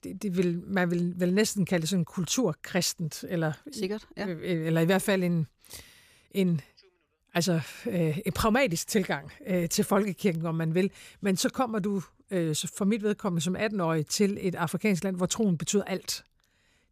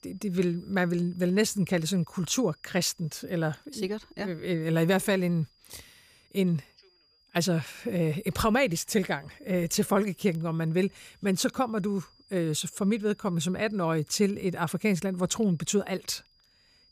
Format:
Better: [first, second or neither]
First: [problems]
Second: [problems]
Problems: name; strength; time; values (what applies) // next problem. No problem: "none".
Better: first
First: none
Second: high-pitched whine; faint; throughout; 5 kHz, 35 dB below the speech